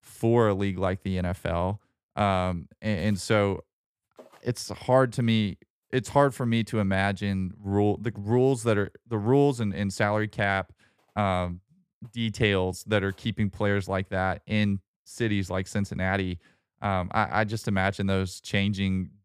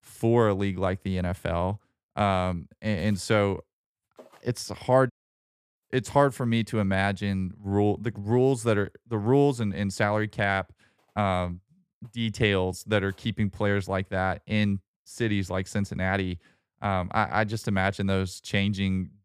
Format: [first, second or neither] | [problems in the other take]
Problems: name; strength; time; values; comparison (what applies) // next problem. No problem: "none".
first | audio cutting out; at 5 s for 0.5 s